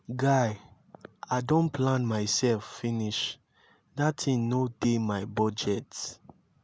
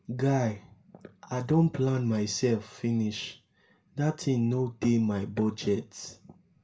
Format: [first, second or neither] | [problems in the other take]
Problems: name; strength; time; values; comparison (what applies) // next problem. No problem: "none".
first | room echo; dies away in 0.2 s